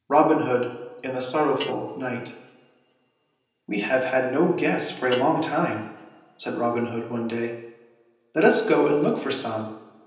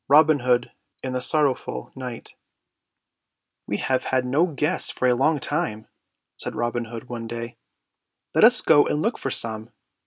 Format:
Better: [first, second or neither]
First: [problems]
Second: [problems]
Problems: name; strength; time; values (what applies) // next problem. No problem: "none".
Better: second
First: background sound (Guitar); 20 dB below the speech // room echo; dies away in 0.9 s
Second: none